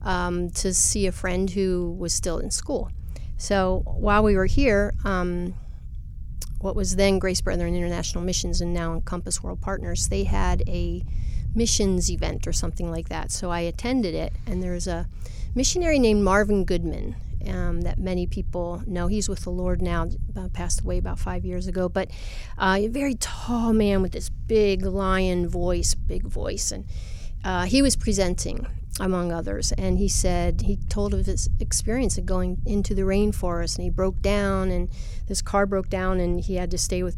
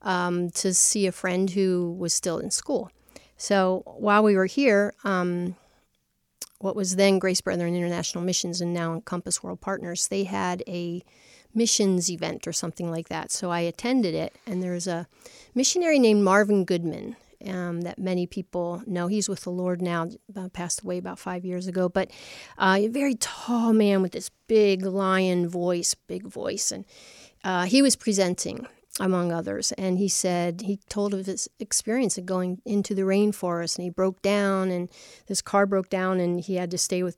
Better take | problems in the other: second | low rumble; faint; throughout; 25 dB below the speech

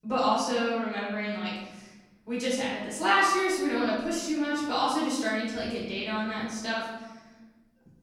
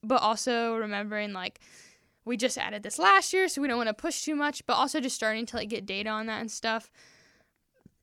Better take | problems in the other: second | room echo; noticeable; dies away in 1.1 s // off-mic speech; far

